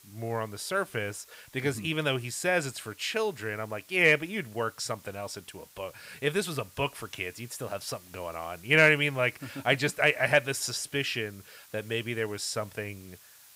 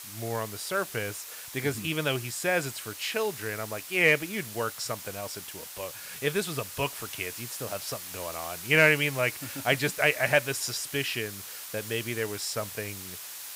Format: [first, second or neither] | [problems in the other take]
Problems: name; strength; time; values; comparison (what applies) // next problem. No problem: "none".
first | hiss; loud; throughout; 10 dB below the speech; faint in the first